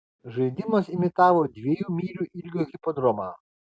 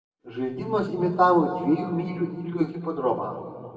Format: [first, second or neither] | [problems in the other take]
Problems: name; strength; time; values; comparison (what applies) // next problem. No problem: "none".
first | room echo; dies away in 2.3 s